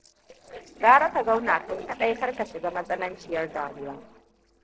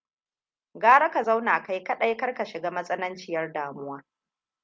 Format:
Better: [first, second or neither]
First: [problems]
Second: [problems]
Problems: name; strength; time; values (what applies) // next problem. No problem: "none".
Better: second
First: noise reduction (neural separator model SepFormer DNS4)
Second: none